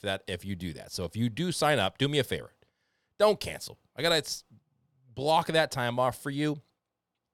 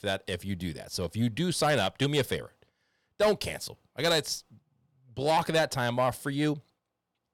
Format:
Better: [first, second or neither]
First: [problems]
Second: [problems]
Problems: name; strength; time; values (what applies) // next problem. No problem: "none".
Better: first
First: none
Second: distortion; slight; 10 dB below the speech